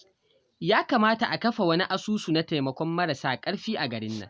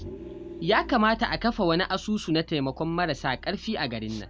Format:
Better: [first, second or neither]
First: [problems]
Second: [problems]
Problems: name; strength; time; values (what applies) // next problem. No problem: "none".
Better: first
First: none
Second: background sound (Vehicle); 15 dB below the speech